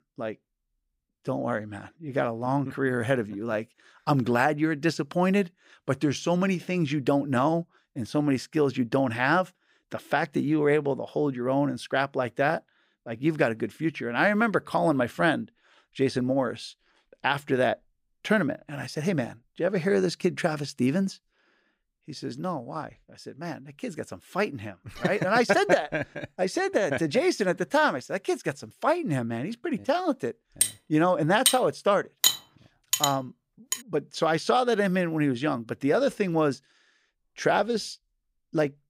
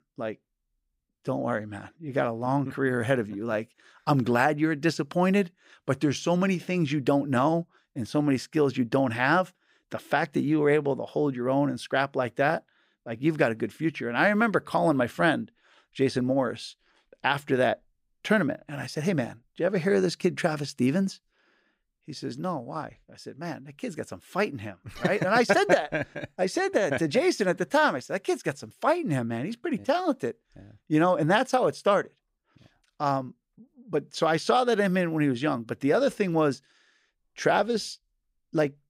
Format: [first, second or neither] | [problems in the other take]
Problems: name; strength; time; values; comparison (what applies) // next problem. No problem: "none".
second | clattering dishes; loud; from 31 to 34 s; peak 4 dB above the speech